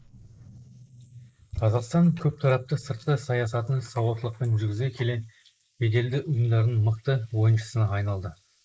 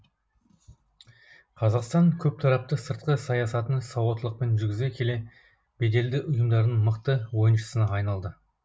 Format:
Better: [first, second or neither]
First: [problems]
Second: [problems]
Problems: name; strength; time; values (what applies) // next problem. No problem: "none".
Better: second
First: noise reduction (neural mask model Resemble Enhance denoiser)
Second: none